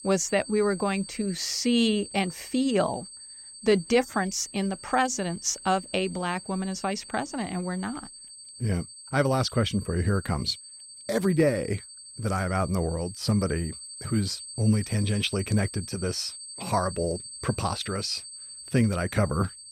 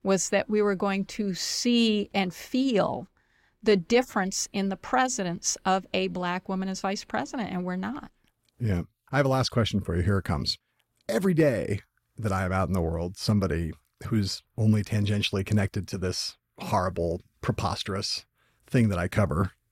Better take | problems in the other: second | high-pitched whine; noticeable; throughout; 8 kHz, 15 dB below the speech

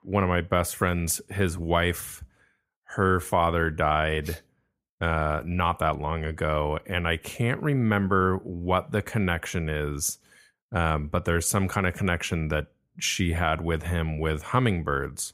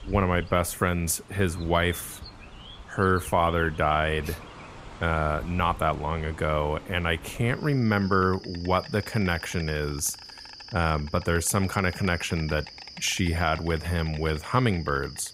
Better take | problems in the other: first | animal sounds; noticeable; throughout; 15 dB below the speech

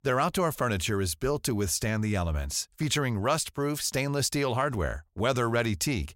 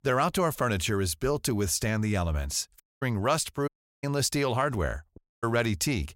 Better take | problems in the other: first | audio cutting out; at 3 s, at 3.5 s and at 5 s

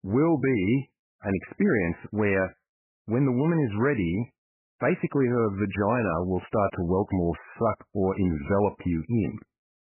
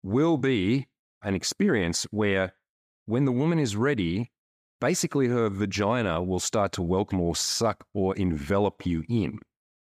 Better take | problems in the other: second | garbled, watery; badly; nothing above 3 kHz

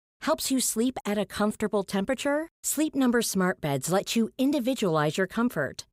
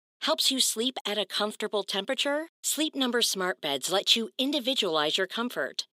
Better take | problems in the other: first | thin; very slightly; fading below 300 Hz

